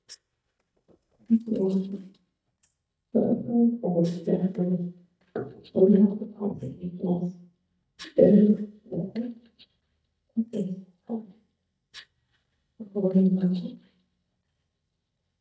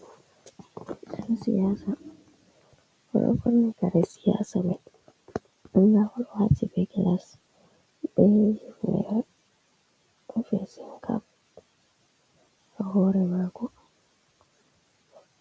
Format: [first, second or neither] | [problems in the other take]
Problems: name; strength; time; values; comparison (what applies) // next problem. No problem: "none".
second | noise reduction (neural mask model DeepFilterNet 3)